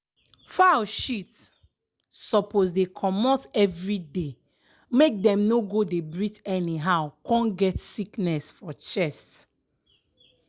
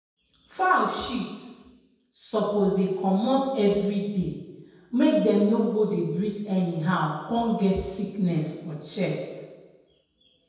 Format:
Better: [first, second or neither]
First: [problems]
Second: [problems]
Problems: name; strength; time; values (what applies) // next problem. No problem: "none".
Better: first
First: none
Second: room echo; dies away in 1.1 s